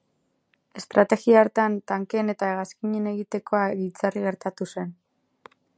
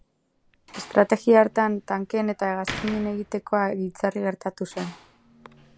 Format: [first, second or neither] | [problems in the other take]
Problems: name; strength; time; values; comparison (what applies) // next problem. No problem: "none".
first | background sound (Slam); 17 dB below the speech